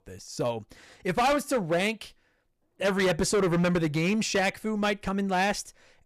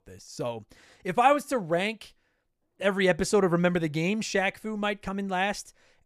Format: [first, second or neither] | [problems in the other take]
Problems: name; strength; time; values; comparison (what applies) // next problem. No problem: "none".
second | distortion; heavy; 10% of the sound clipped